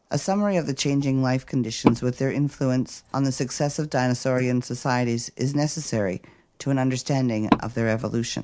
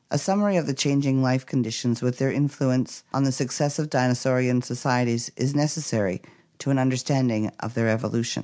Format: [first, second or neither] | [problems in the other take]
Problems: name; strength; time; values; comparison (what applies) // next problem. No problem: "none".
second | noise reduction (neural mask model Resemble Enhance denoiser)